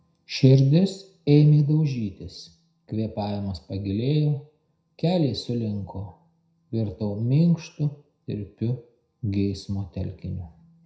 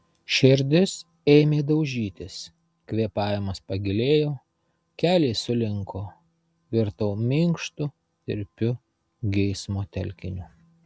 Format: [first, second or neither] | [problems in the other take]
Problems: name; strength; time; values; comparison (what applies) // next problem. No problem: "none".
second | room echo; dies away in 0.5 s